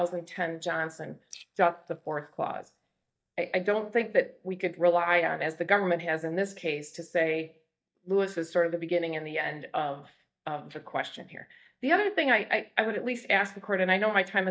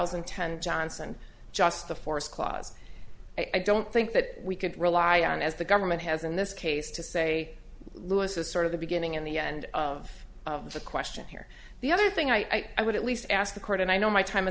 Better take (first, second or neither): second